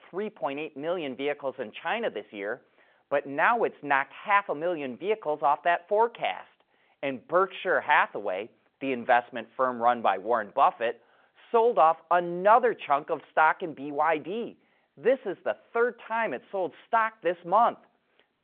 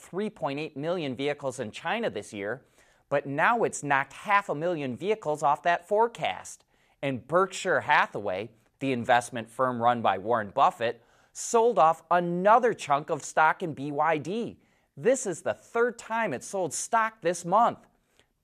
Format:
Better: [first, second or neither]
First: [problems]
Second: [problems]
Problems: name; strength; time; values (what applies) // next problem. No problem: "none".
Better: second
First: phone-call audio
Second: none